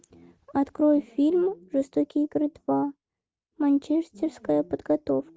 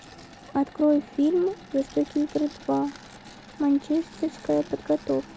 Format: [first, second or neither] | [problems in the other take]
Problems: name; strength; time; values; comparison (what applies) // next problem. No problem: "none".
first | background sound (Engine / Mechanisms + Tearing); 20 dB below the speech